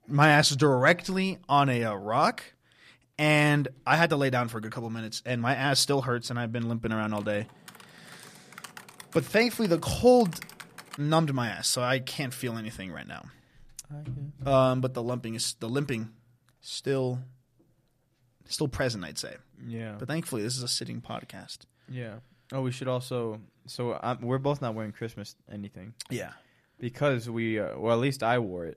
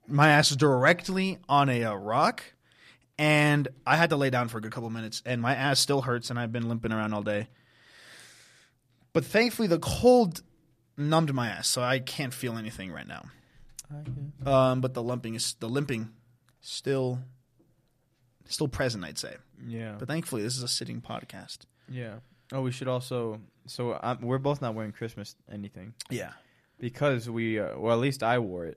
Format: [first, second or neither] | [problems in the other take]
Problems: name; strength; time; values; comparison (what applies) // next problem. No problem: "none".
second | keyboard typing; faint; from 7 to 11 s; peak 15 dB below the speech